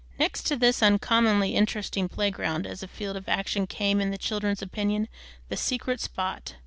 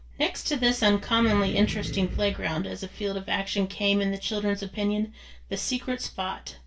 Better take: first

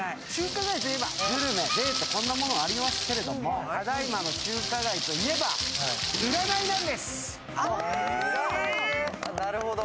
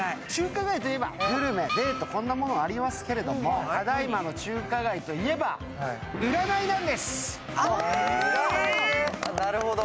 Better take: second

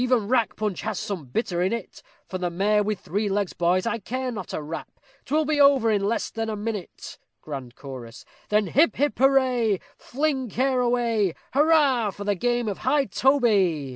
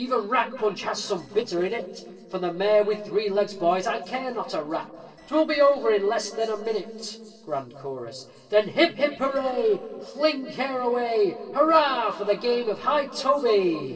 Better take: first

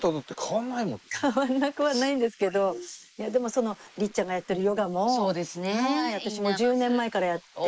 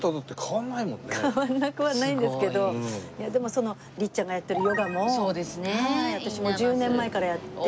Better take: second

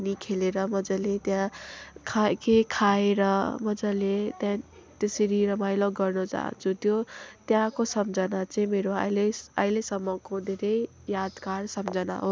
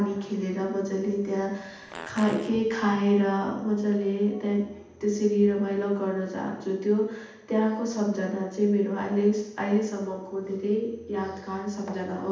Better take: first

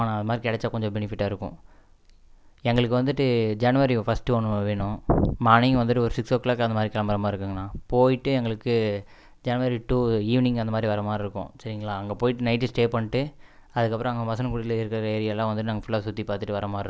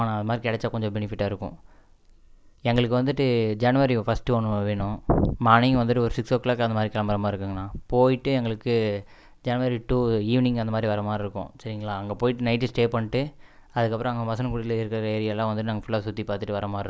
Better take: first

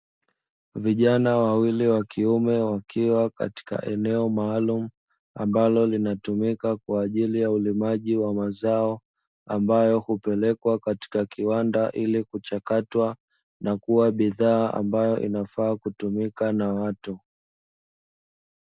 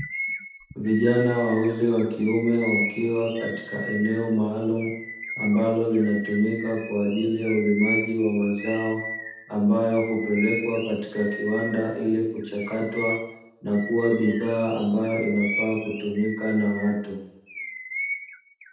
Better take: first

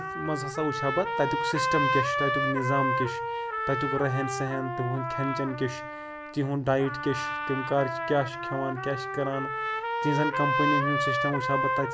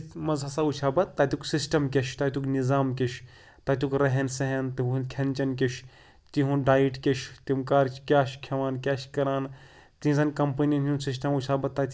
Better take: second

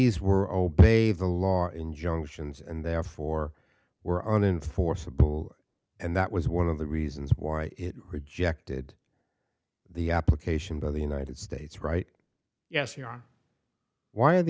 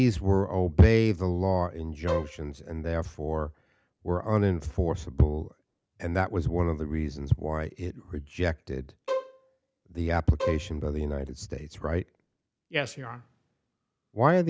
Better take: first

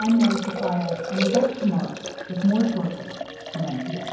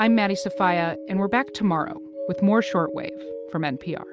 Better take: second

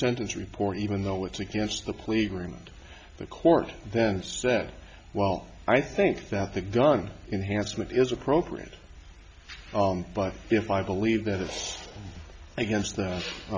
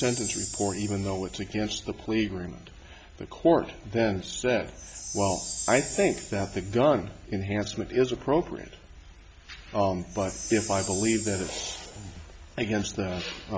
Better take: first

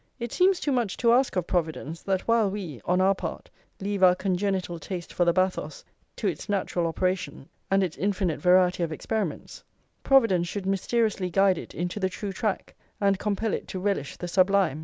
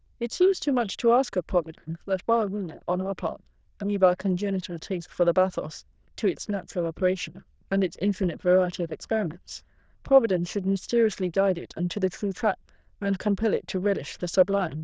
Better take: first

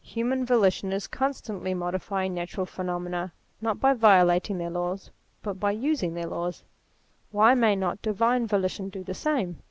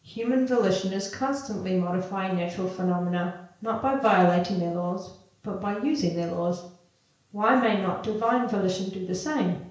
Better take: first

